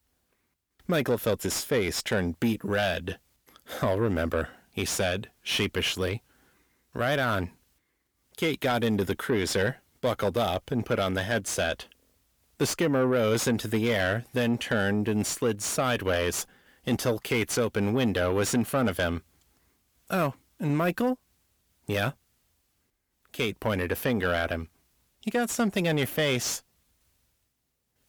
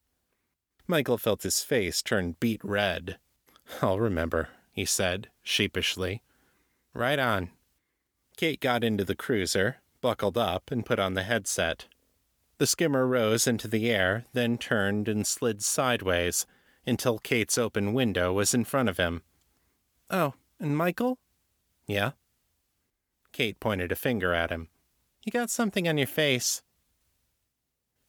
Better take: second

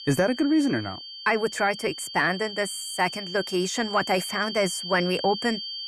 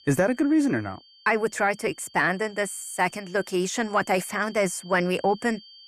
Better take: second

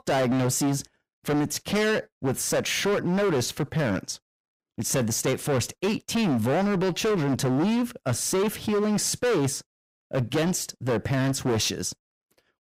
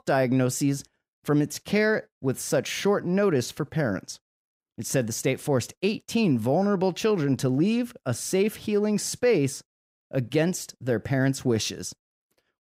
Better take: second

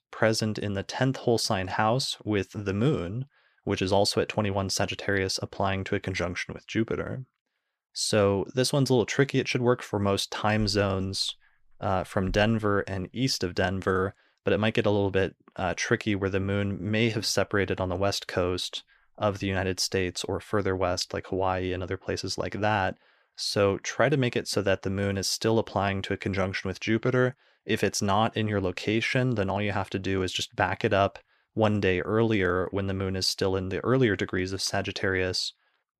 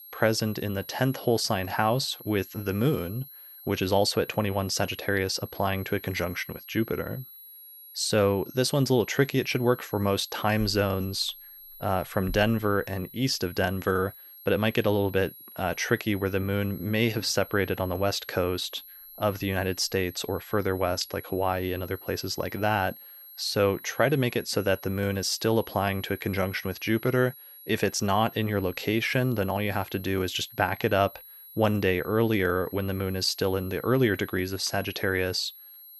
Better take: first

